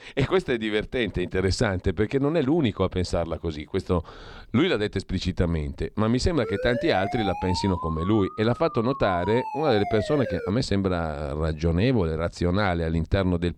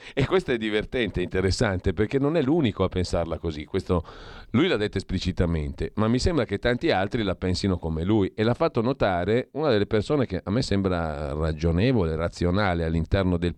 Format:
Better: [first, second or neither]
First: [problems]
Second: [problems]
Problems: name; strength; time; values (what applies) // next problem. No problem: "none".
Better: second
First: siren; noticeable; from 6.5 to 11 s; peak 6 dB below the speech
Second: none